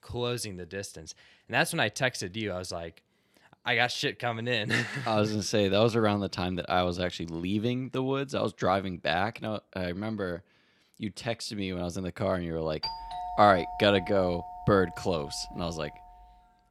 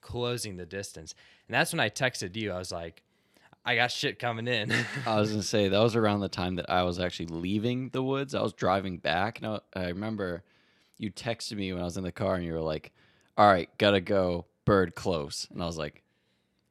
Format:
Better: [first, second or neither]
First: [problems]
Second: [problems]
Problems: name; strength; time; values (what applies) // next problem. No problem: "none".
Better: second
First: doorbell; noticeable; from 13 to 16 s; peak 6 dB below the speech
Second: none